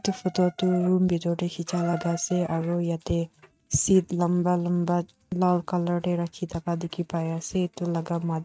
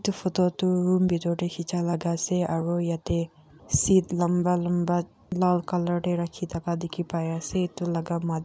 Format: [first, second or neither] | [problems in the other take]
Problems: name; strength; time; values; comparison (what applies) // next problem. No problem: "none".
second | noise reduction (neural mask model RNNoise)